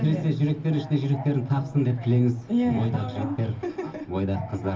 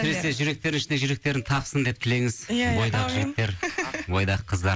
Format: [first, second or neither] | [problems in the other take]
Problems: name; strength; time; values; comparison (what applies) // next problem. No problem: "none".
second | background sound (Subway, metro, underground); 19 dB below the speech // room echo; dies away in 0.4 s